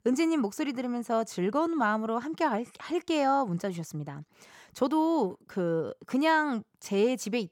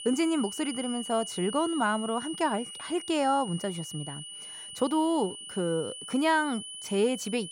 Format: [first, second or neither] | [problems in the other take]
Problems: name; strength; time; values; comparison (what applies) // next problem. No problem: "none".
first | high-pitched whine; loud; throughout; 3 kHz, 9 dB below the speech